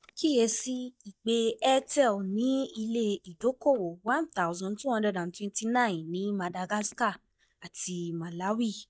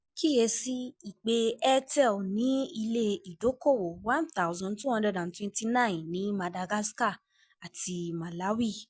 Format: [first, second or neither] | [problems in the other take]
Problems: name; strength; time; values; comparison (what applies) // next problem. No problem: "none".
second | noise reduction (neural mask model DeepFilterNet 3)